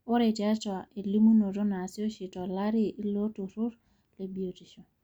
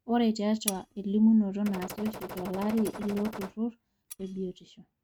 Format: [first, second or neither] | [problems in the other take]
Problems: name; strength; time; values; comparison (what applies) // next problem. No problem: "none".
first | noise reduction (neural mask model RNNoise)